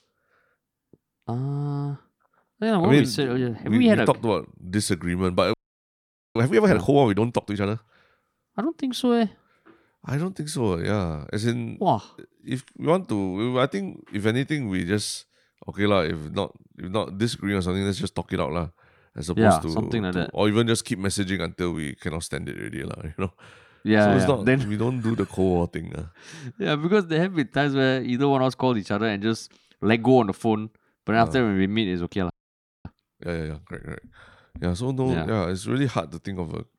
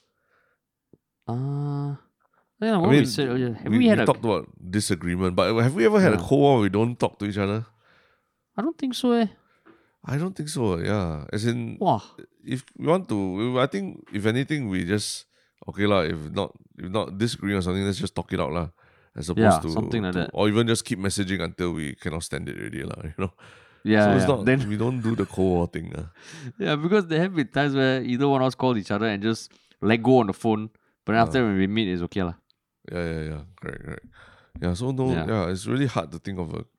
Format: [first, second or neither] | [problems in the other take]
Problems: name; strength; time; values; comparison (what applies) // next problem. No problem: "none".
second | audio freezing; at 5.5 s for 1 s and at 32 s for 0.5 s